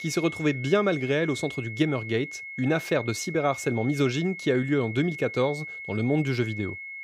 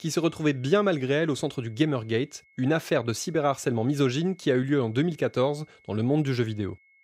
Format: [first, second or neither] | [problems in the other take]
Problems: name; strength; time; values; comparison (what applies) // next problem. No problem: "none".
second | high-pitched whine; loud; throughout; 2 kHz, 10 dB below the speech; faint in the second